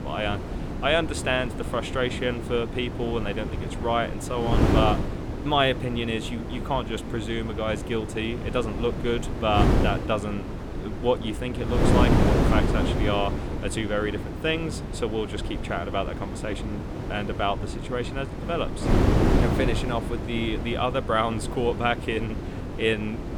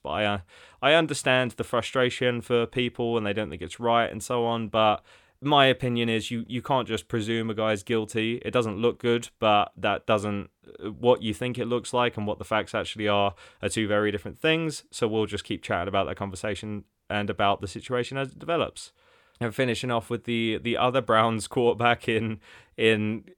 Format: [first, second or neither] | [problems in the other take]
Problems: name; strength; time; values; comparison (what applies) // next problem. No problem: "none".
second | wind noise on the microphone; heavy; 5 dB below the speech